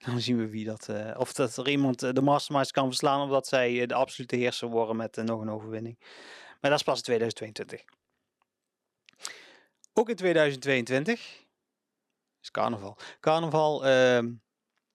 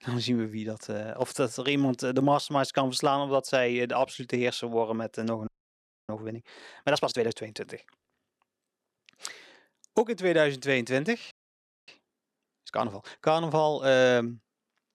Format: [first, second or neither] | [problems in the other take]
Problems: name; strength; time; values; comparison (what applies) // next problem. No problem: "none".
first | audio freezing; at 5.5 s for 0.5 s and at 11 s for 0.5 s